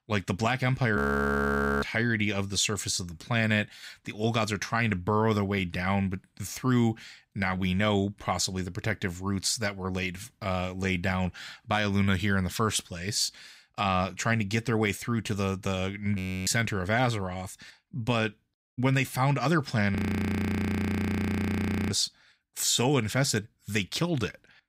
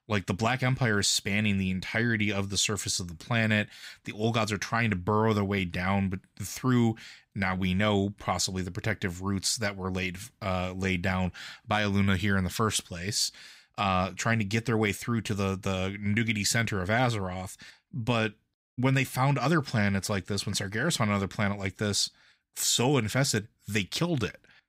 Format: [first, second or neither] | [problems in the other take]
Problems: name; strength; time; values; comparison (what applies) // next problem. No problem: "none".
second | audio freezing; at 1 s for 1 s, at 16 s and at 20 s for 2 s